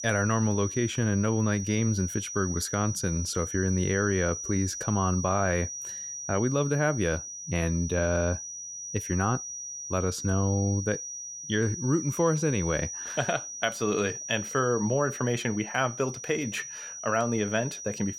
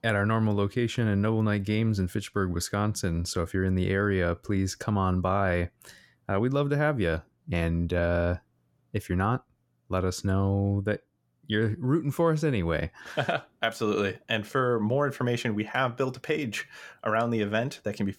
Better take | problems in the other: second | high-pitched whine; loud; throughout; 6 kHz, 7 dB below the speech

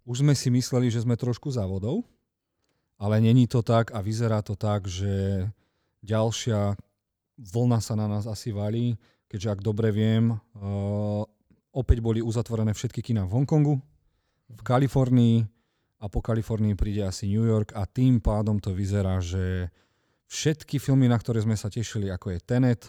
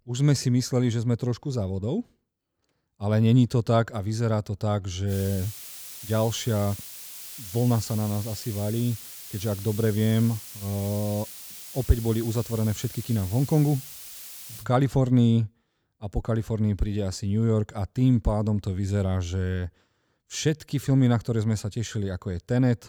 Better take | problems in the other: first | hiss; noticeable; from 5 to 15 s; 10 dB below the speech

